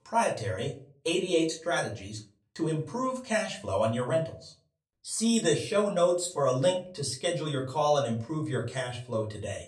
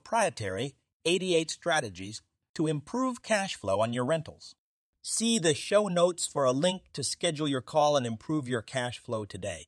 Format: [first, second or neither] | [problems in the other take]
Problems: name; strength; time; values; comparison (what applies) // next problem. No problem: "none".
second | off-mic speech; far // room echo; very slight; dies away in 0.3 s